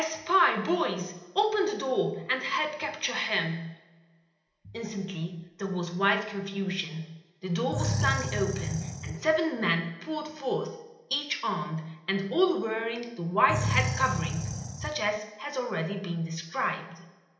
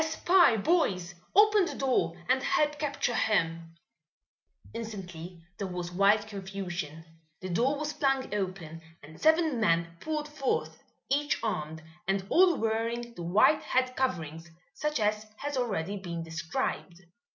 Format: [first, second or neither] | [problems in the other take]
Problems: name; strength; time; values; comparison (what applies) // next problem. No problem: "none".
second | background sound (Animal); 2 dB below the speech // room echo; dies away in 0.9 s